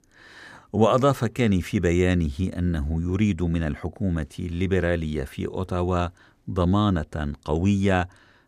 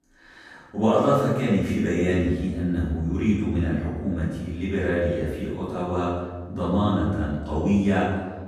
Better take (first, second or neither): first